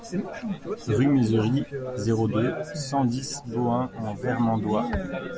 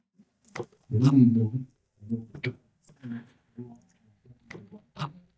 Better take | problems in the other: first | noise reduction (neural mask model DeepFilterNet 3)

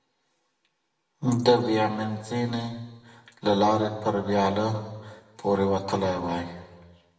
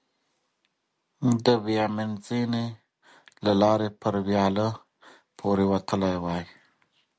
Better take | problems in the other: second | room echo; dies away in 1.3 s

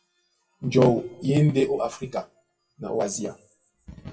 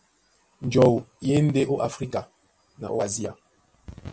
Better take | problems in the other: second | noise reduction (classical method WPE with log-MMSE)

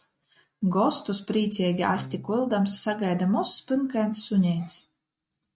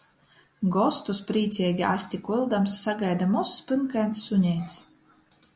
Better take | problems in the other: second | noise reduction (neural mask model RNNoise)

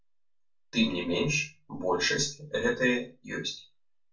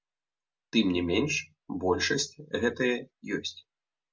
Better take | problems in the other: second | room echo; dies away in 0.2 s

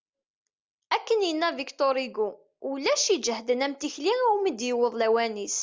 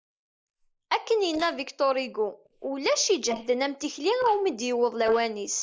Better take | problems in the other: first | noise reduction (neural mask model Resemble Enhance denoiser)

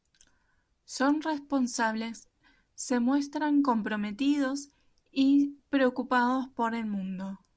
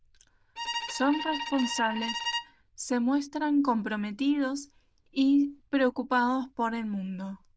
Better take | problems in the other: first | noise reduction (neural diffusion model UNIVERSE++)

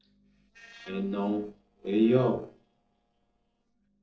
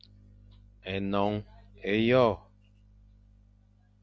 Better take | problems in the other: second | noise reduction (neural separator model SepFormer DNS4)

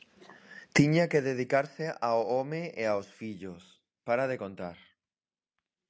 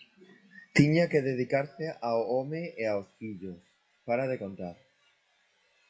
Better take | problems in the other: first | noise reduction (classical method WPE with log-MMSE)

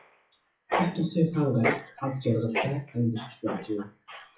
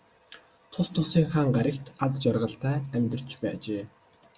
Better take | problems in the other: second | noise reduction (classical method WPE with log-MMSE)

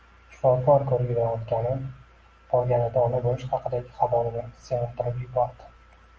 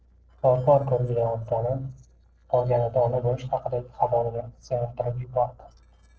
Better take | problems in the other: first | noise reduction (neural separator model SepFormer DNS4)

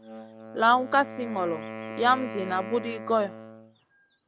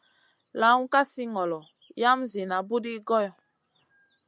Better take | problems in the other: second | background sound (Wind instrument, woodwind instrument); 12 dB below the speech

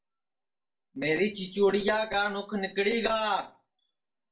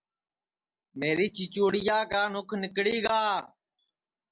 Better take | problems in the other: second | room echo; dies away in 0.3 s

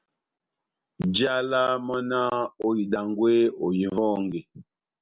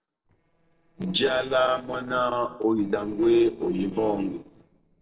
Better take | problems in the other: first | noise reduction (neural separator model SepFormer DNS4)

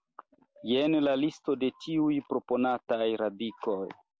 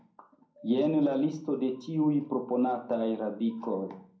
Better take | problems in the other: first | room echo; dies away in 0.6 s

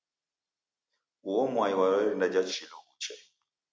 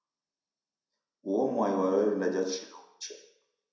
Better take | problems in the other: first | room echo; dies away in 0.6 s

